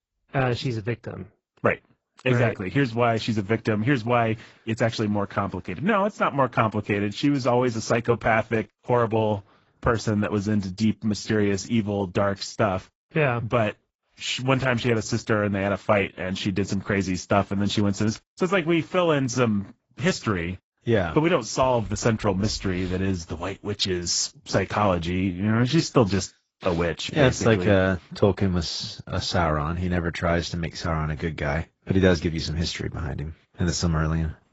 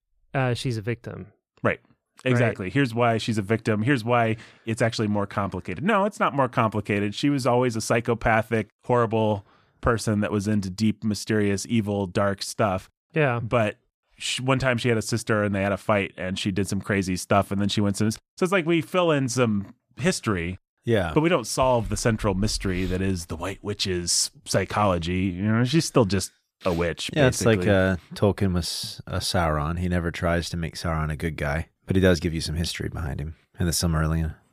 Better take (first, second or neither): second